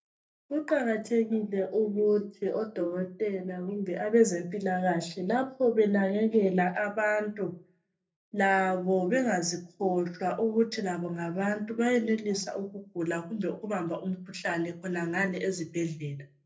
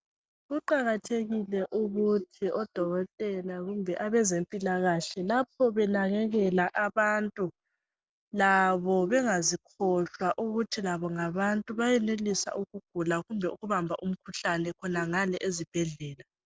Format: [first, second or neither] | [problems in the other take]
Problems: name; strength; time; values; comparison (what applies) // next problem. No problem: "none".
second | room echo; dies away in 0.3 s